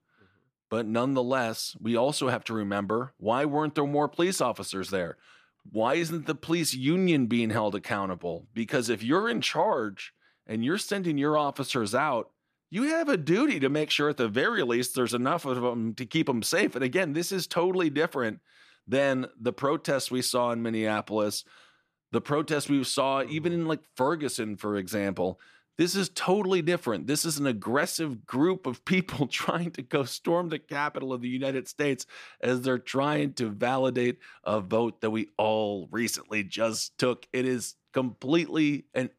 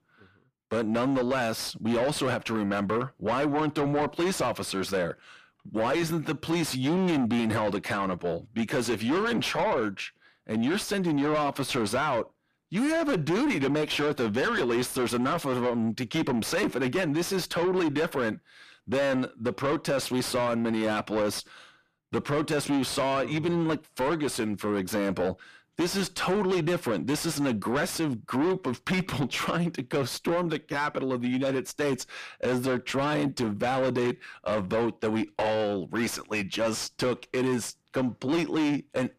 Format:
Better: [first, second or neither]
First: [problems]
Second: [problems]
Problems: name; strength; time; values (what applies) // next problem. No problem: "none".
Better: first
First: none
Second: distortion; heavy; 7 dB below the speech